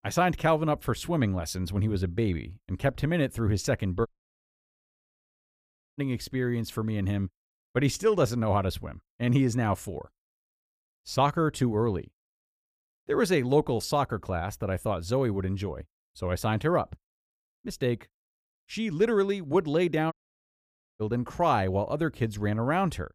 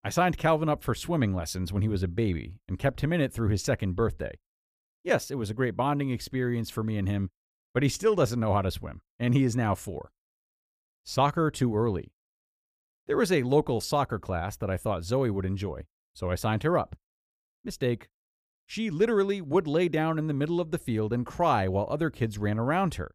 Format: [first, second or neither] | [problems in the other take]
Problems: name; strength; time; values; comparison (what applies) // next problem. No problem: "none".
second | audio cutting out; at 4 s for 2 s and at 20 s for 1 s